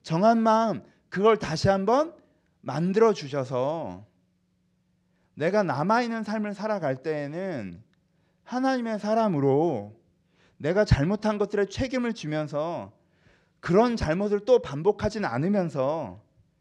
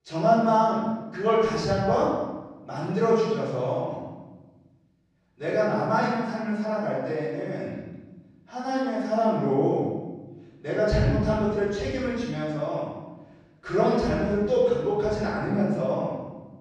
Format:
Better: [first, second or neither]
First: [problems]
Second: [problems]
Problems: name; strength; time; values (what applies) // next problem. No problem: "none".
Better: first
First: none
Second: off-mic speech; far // room echo; strong; dies away in 1.1 s